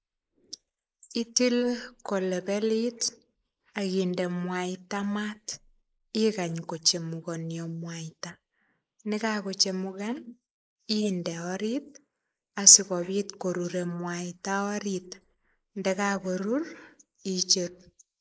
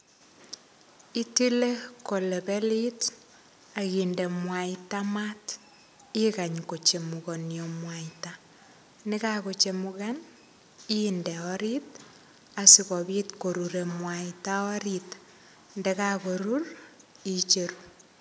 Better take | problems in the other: second | noise reduction (neural mask model Resemble Enhance denoiser)

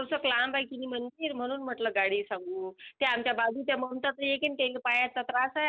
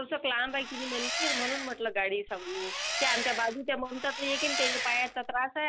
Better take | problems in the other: first | background sound (Engine); 2 dB below the speech

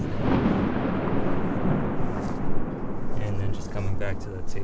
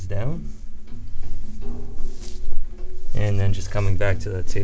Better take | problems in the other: second | background sound (Thunder); 3 dB below the speech

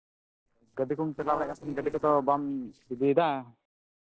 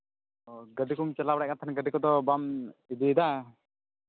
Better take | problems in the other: second | noise reduction (neural separator model SepFormer DNS4)

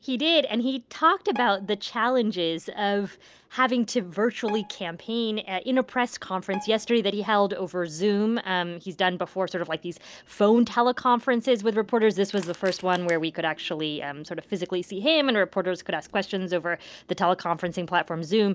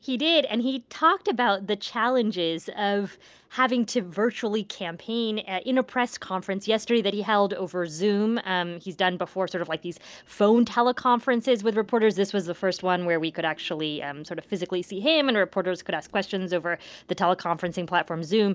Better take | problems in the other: second | background sound (Bowed string instrument + Crushing); 19 dB below the speech

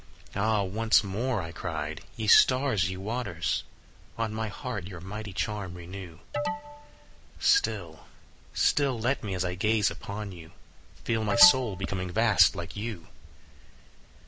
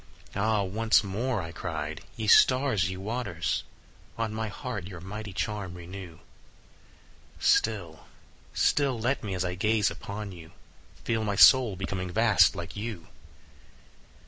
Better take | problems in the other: second | background sound (Alarm); 6 dB below the speech

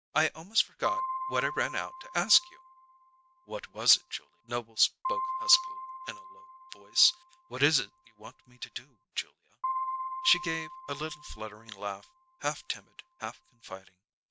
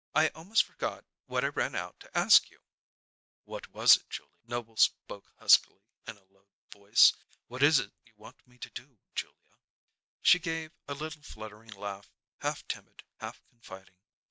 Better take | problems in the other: second | background sound (Piano); 7 dB below the speech

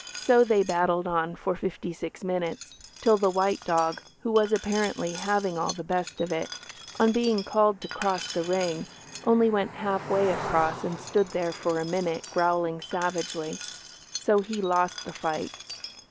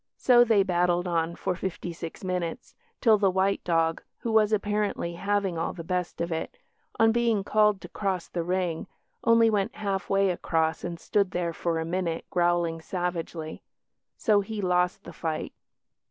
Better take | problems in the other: second | background sound (Glass + Cricket); 14 dB below the speech

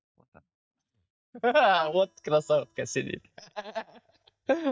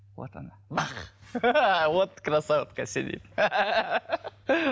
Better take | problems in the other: second | noise reduction (neural mask model DeepFilterNet 3)

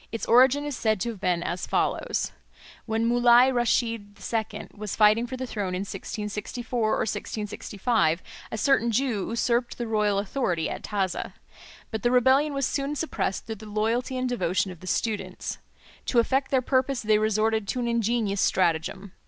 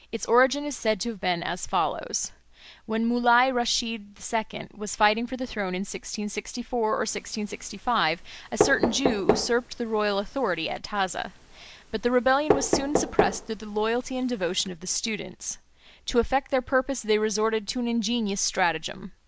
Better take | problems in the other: first | background sound (Knock); 4 dB below the speech

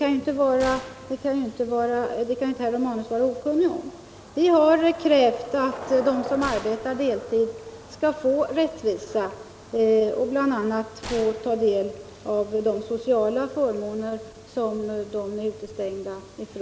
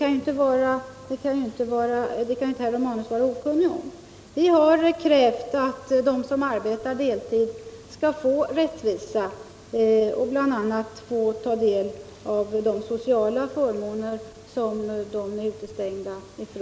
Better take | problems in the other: second | background sound (Gunshot, gunfire + Skateboard); 19 dB below the speech

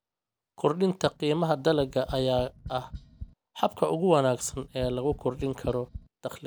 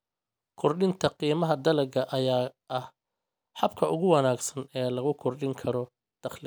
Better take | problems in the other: second | background sound (Tap); 15 dB below the speech

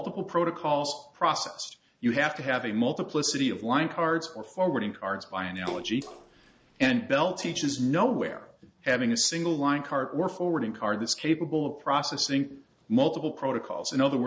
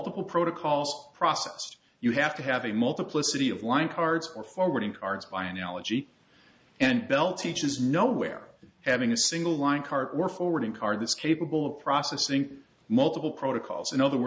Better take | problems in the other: second | noise reduction (neural separator model SepFormer DNS4)

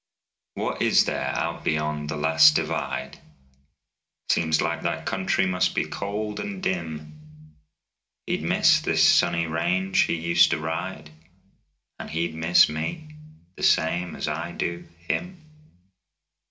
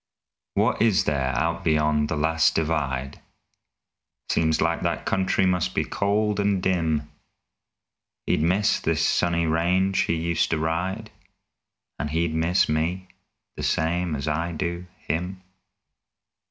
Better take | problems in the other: second | room echo; dies away in 0.2 s

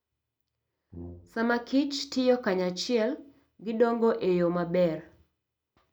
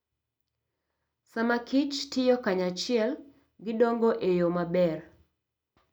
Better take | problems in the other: second | background sound (Brass instrument); 18 dB below the speech

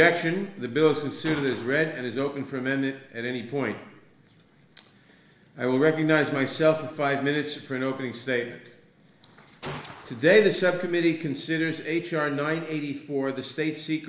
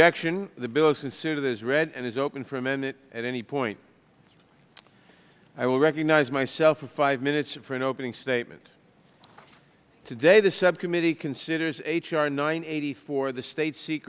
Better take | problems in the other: second | background sound (Gunshot, gunfire); 18 dB below the speech // room echo; dies away in 0.9 s

